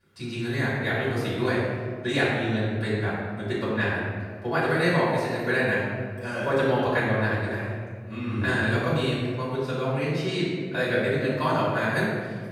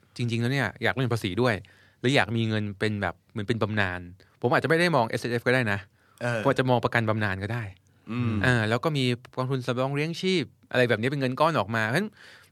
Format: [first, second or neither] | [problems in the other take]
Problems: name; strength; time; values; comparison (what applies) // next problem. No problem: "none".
second | room echo; strong; dies away in 1.6 s // off-mic speech; far